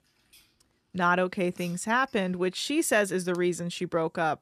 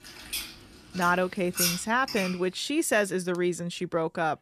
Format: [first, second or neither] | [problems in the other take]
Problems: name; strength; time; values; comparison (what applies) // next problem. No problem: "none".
first | household noises; loud; throughout; 4 dB below the speech; faint in the first